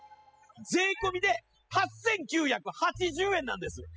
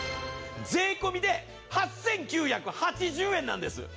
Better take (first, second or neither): second